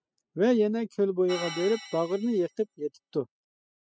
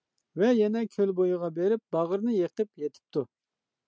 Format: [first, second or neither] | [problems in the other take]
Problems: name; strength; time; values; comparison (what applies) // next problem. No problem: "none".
second | noise reduction (classical method spectral subtraction)